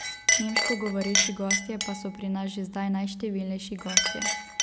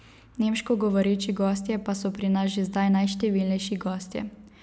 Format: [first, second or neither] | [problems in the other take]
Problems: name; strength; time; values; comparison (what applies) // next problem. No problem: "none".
second | background sound (Chink, clink); 2 dB above the speech